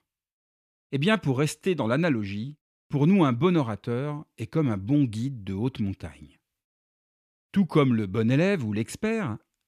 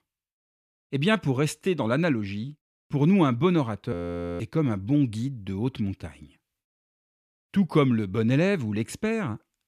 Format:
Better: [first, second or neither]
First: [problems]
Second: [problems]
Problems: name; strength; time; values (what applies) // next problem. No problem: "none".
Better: first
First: none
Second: audio freezing; at 4 s